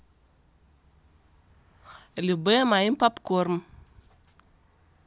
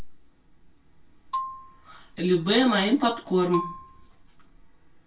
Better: first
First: none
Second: background sound (Marimba, xylophone); 10 dB below the speech // room echo; dies away in 0.2 s

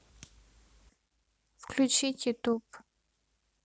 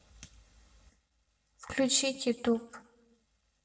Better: first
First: none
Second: room echo; dies away in 0.7 s

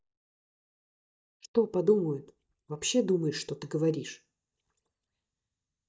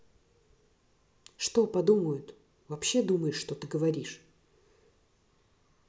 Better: second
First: noise reduction (neural mask model DeepFilterNet 3)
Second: none

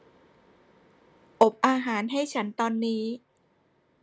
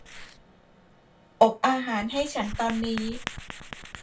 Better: first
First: none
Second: background sound (Writing); 13 dB below the speech // room echo; dies away in 0.2 s

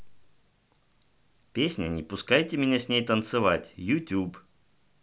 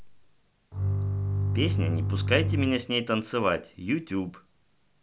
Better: first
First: none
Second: background sound (Bowed string instrument); 3 dB above the speech

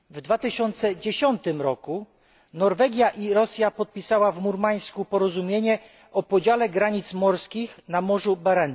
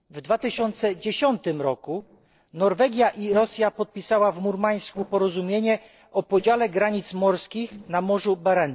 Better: first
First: none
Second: noise reduction (neural separator model SepFormer DNS4)

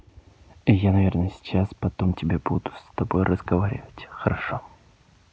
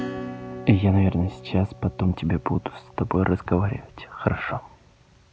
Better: first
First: none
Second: background sound (Acoustic guitar / Strum); 15 dB below the speech

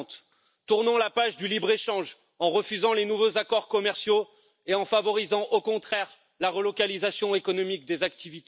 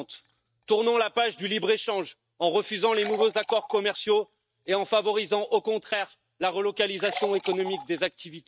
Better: first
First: none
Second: noise reduction (neural mask model RNNoise)

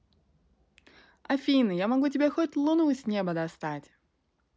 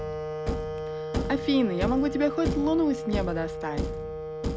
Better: first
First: none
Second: background sound (Wind instrument, woodwind instrument + Thump, thud); 2 dB below the speech

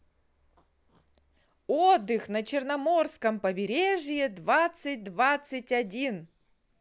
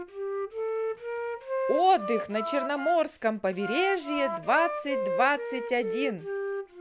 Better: first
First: none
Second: background sound (Wind instrument, woodwind instrument); 4 dB below the speech

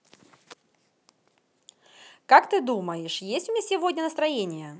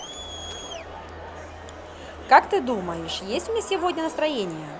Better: first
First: none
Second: background sound (Crowd); 12 dB below the speech

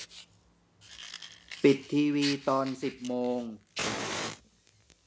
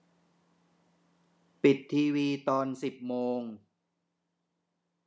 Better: second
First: background sound (Fire); 9 dB below the speech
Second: none

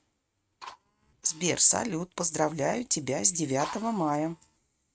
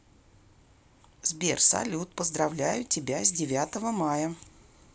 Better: second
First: noise reduction (neural mask model RNNoise)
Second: none

